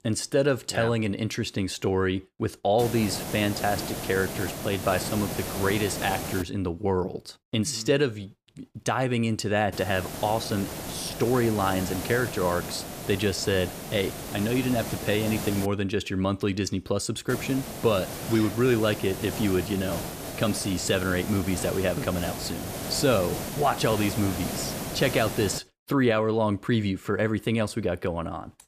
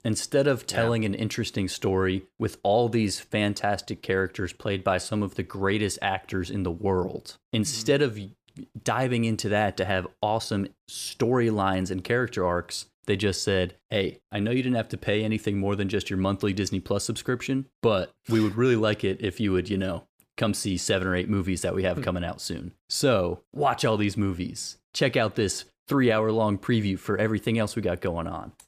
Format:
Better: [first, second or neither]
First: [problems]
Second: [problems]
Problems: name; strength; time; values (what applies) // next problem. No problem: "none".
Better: second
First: hiss; loud; from 3 to 6.5 s, from 9.5 to 16 s and from 17 to 26 s; 7 dB below the speech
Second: none